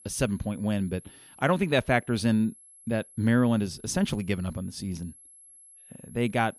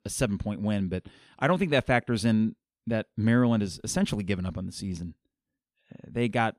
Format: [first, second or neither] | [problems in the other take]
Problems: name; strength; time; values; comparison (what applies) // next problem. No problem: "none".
second | high-pitched whine; faint; throughout; 11 kHz, 25 dB below the speech